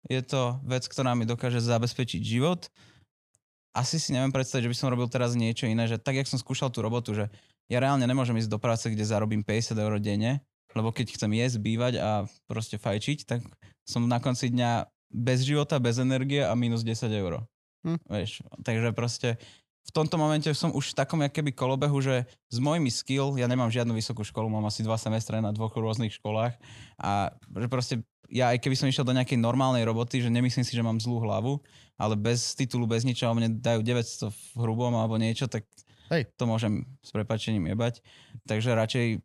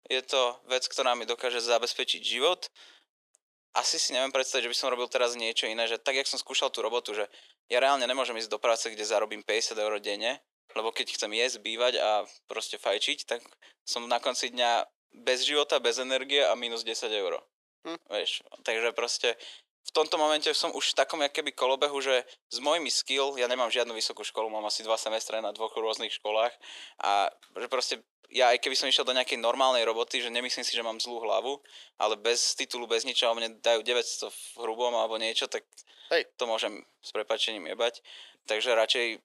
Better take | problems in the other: first | thin; very; fading below 400 Hz

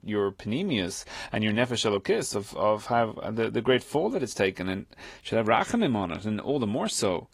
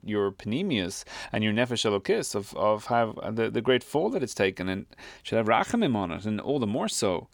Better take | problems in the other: second | garbled, watery; slightly

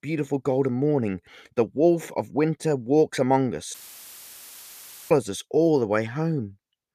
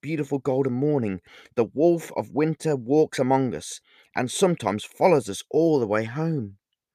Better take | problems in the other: second | audio cutting out; filled with static; at 3.5 s for 1.5 s

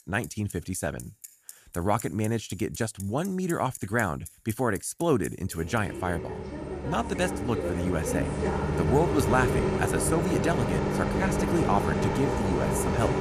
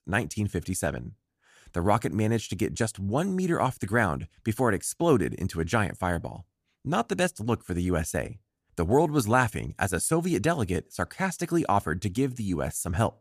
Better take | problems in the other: second | traffic noise; very loud; throughout; as loud as the speech

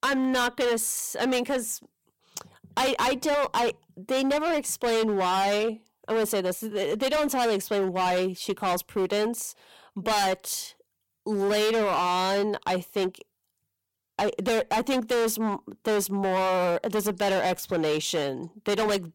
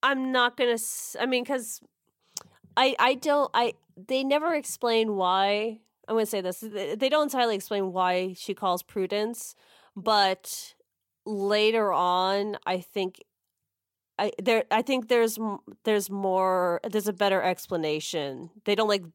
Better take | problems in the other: second | distortion; heavy; 20% of the sound clipped

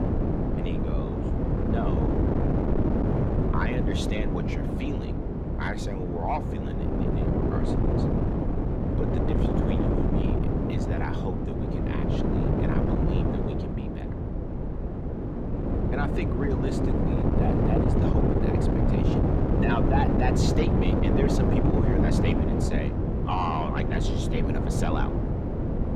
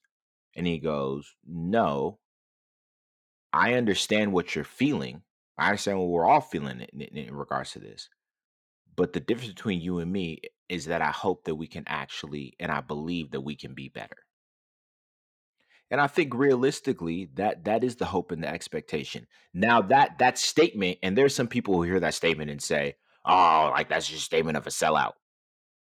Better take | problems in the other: second | wind noise on the microphone; heavy; 3 dB above the speech

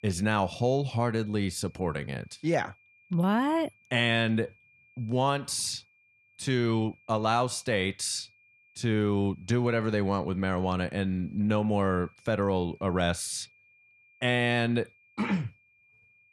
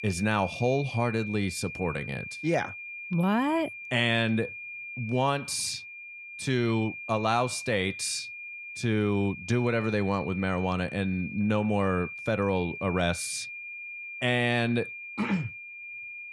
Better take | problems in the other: first | high-pitched whine; loud; throughout; 2.5 kHz, 10 dB below the speech; faint in the first

